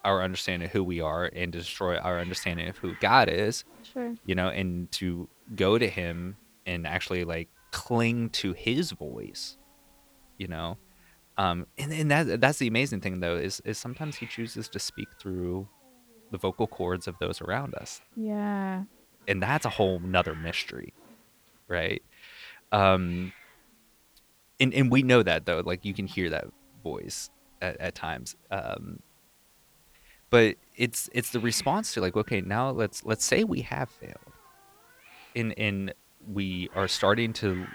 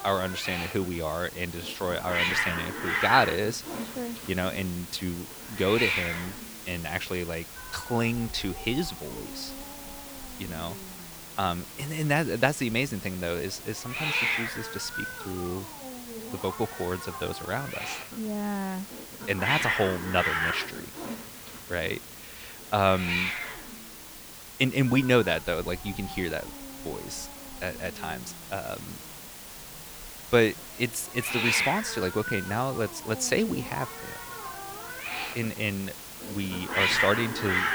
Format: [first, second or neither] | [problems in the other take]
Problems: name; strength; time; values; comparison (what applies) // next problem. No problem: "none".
first | hiss; loud; throughout; 4 dB below the speech; faint in the first